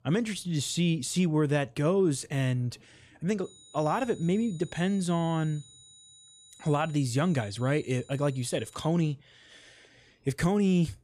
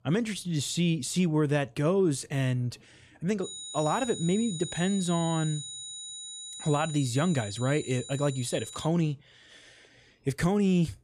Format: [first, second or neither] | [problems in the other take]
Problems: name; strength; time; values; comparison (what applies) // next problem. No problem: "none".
first | high-pitched whine; loud; from 3.5 to 9 s; 4 kHz, 10 dB below the speech; faint in the first